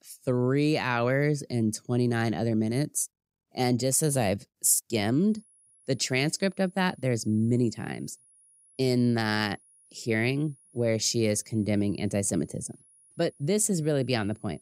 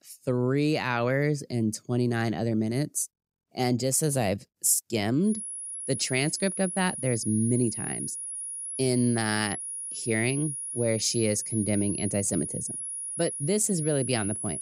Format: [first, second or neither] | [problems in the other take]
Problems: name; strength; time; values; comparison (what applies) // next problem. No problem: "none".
first | high-pitched whine; loud; from 5.5 s on; 10.5 kHz, 5 dB below the speech; faint in the first